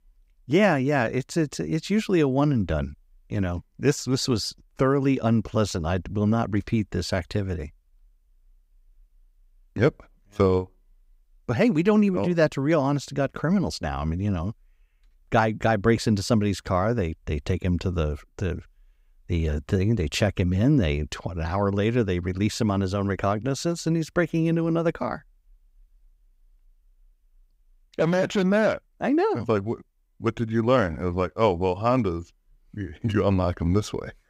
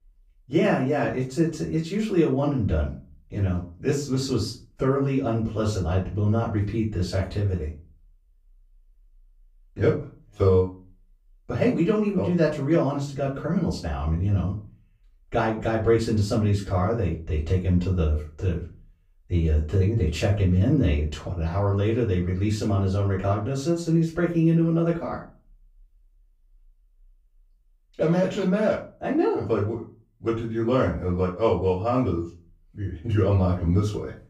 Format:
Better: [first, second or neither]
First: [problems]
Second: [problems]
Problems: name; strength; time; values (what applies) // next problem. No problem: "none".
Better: first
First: none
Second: off-mic speech; far // room echo; slight; dies away in 0.3 s